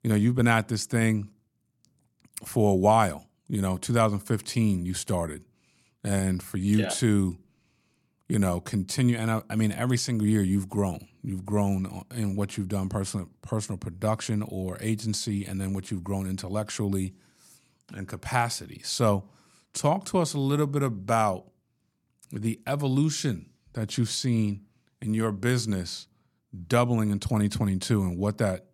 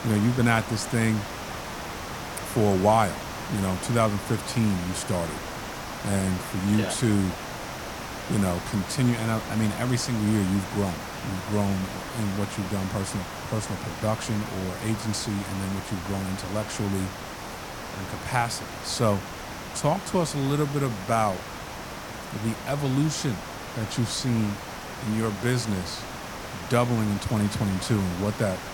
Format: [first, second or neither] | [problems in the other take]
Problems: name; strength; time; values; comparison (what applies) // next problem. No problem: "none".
first | hiss; loud; throughout; 8 dB below the speech